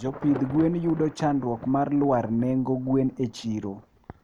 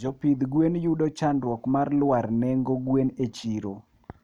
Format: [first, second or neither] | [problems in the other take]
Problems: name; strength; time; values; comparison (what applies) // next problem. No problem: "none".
second | background sound (Thunder / Traffic noise, roadway noise / Rain / Insect); 18 dB below the speech